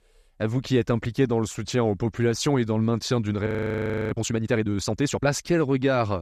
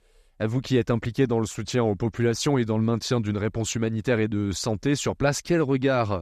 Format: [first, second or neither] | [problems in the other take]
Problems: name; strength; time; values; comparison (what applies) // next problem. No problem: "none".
second | audio freezing; at 3.5 s for 0.5 s